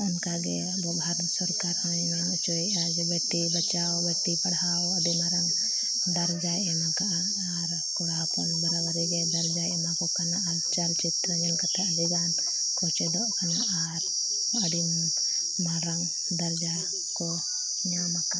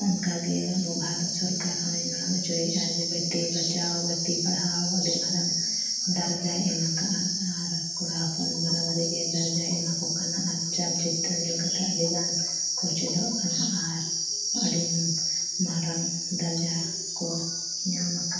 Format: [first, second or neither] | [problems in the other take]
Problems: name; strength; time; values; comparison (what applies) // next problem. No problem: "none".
first | room echo; dies away in 0.9 s